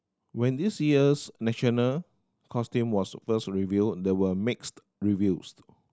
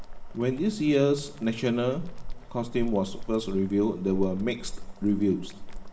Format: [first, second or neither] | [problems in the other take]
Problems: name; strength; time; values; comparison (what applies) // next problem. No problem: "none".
first | background sound (Boiling); 8 dB below the speech // room echo; dies away in 0.8 s